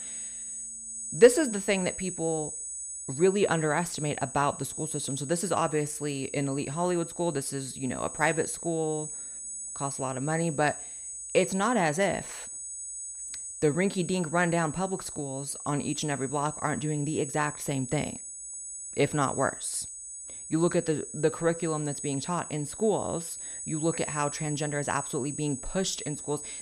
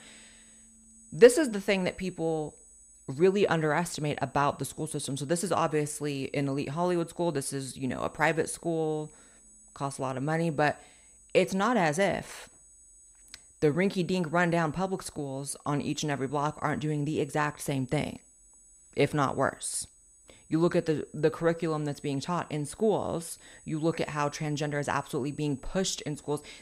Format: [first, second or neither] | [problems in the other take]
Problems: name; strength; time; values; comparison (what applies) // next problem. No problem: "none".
second | high-pitched whine; loud; throughout; 8 kHz, 8 dB below the speech; faint in the second